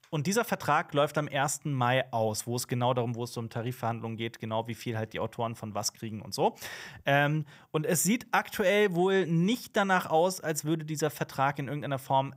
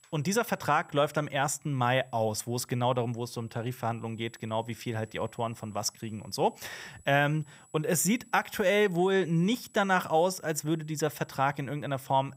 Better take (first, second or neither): first